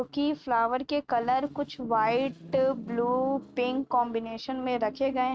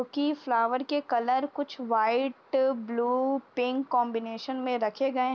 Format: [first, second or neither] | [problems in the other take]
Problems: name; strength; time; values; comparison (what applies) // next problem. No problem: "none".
second | noise reduction (neural mask model RNNoise)